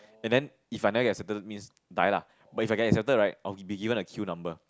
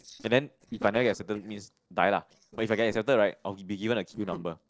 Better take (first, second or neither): first